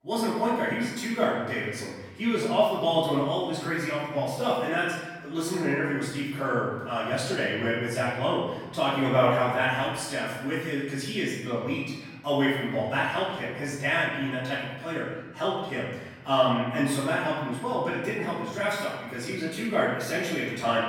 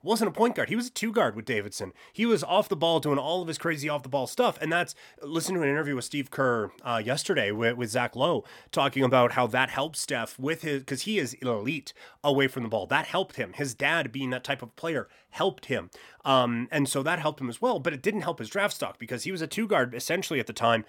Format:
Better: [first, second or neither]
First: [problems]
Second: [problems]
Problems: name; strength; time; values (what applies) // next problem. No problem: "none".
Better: second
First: room echo; strong; dies away in 1.2 s // off-mic speech; far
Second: none